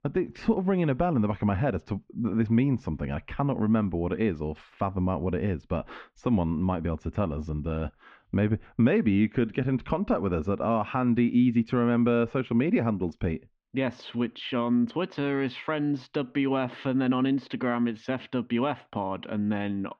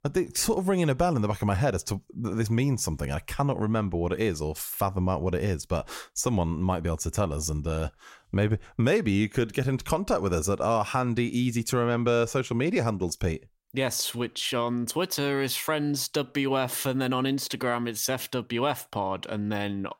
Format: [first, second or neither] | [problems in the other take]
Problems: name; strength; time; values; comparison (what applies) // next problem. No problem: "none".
second | muffled; very; fading above 3 kHz